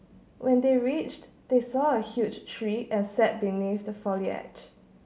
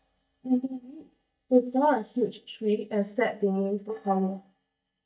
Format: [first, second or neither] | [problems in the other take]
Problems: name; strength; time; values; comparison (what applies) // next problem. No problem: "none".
first | noise reduction (neural mask model DeepFilterNet 3)